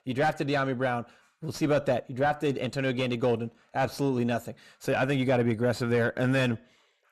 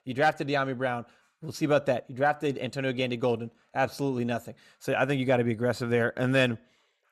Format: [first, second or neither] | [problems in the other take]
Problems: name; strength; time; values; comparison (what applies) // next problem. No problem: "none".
second | distortion; slight; 10 dB below the speech